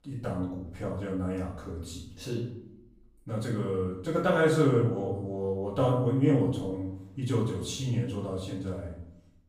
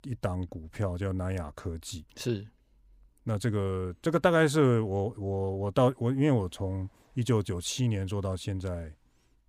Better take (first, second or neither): second